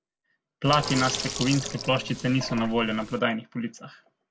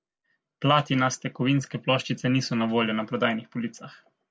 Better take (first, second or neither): second